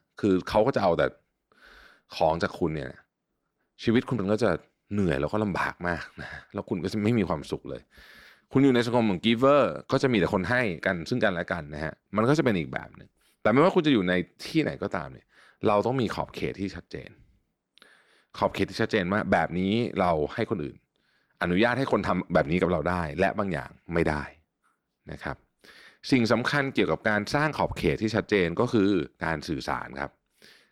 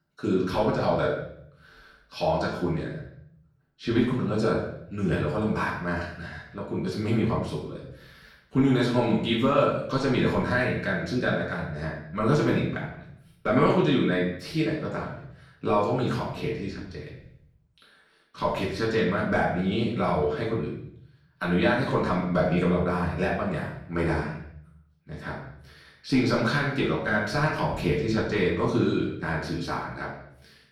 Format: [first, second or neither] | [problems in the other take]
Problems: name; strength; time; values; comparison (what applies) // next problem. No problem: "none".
first | room echo; noticeable; dies away in 0.6 s // off-mic speech; far